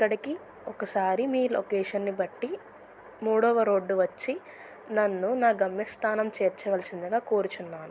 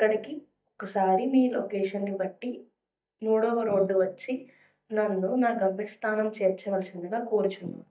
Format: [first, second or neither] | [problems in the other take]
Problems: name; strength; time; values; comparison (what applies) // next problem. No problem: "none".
first | noise reduction (neural mask model DeepFilterNet 3)